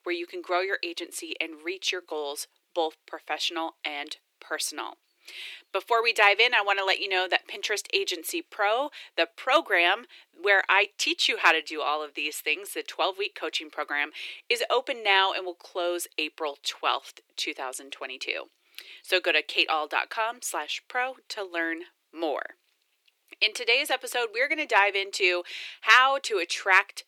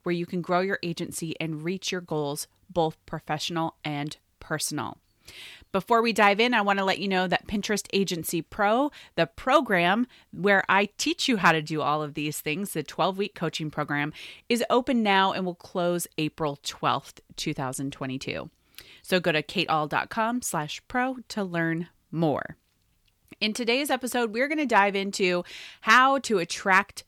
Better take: second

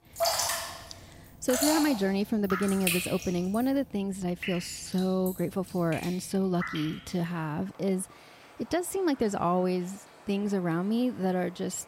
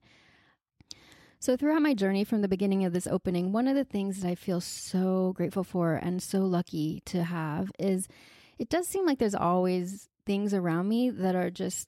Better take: second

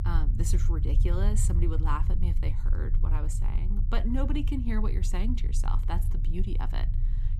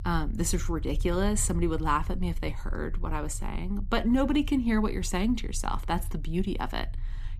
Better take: second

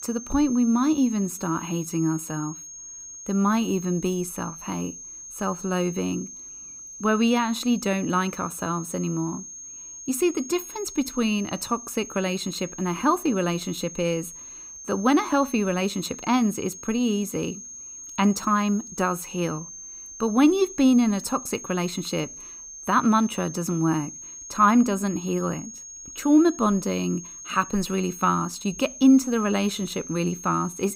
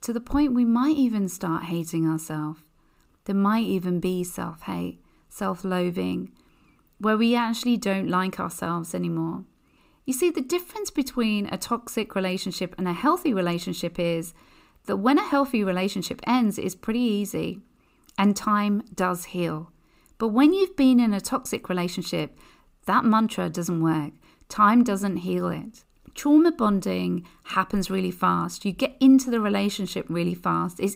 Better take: second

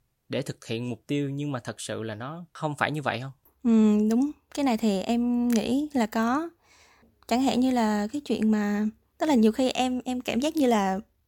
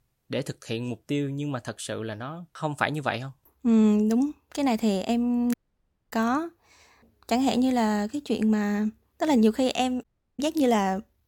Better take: first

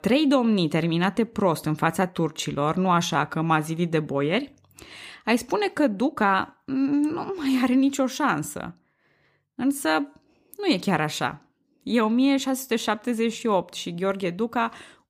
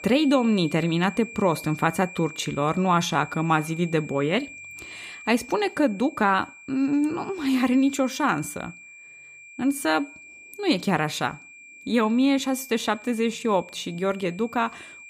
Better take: first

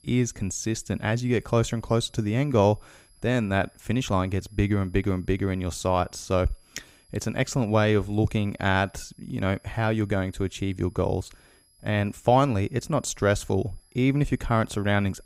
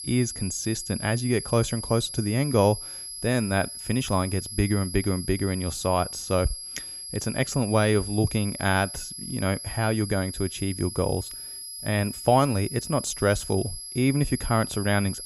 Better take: first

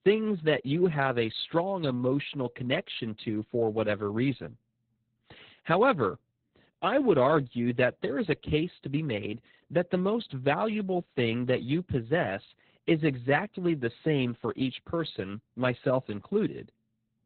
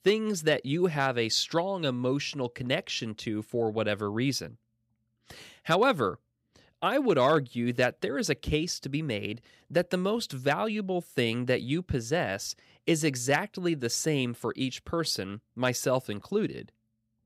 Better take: second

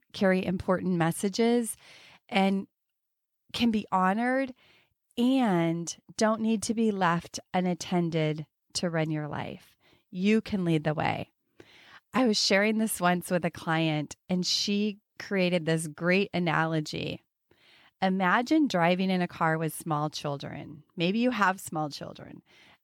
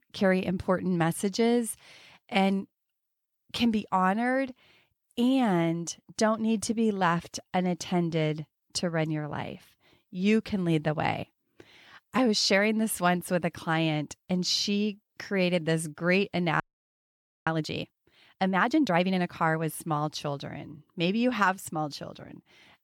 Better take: first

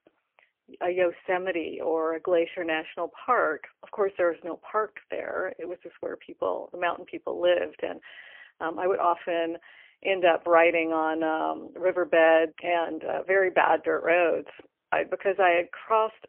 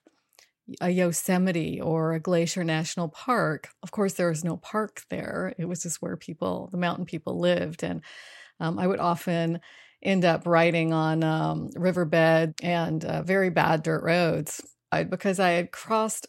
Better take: second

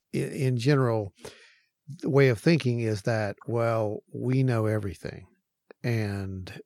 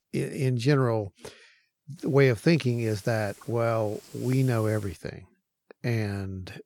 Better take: first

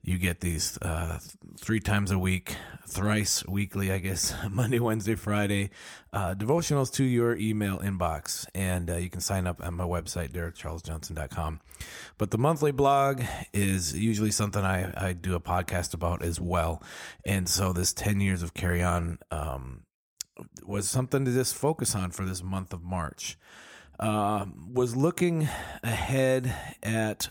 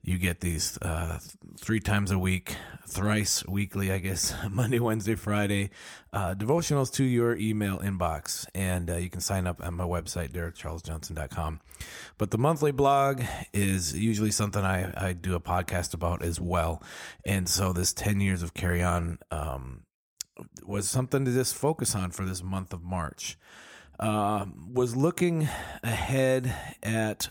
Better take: neither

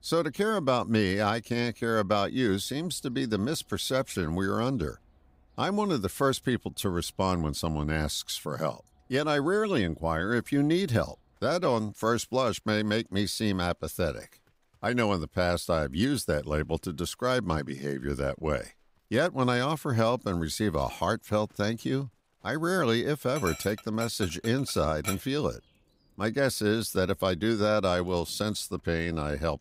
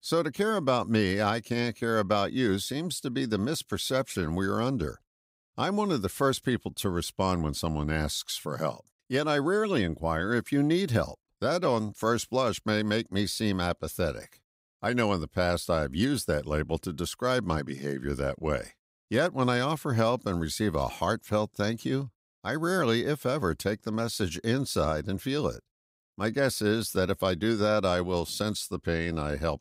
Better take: second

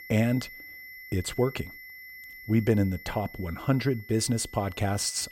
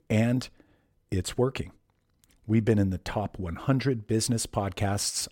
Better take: second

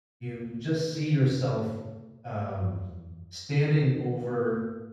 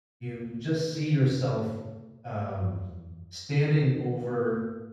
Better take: neither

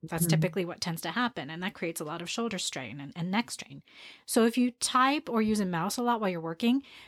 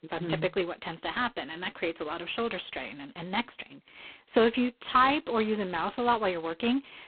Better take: first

